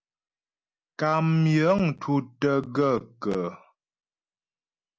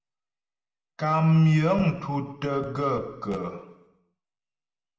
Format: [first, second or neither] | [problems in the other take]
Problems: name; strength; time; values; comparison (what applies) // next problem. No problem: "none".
first | room echo; dies away in 0.9 s